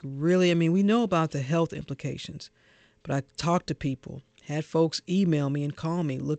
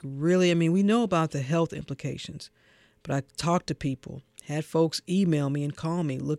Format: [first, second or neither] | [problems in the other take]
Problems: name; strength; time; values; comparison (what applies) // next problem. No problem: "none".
second | garbled, watery; slightly; nothing above 8 kHz